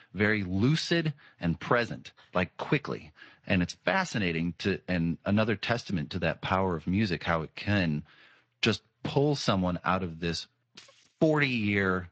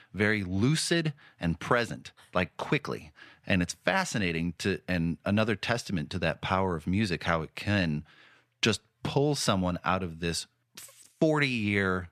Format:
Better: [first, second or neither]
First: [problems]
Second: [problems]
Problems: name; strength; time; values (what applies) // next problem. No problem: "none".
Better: second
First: garbled, watery; slightly; nothing above 7.5 kHz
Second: none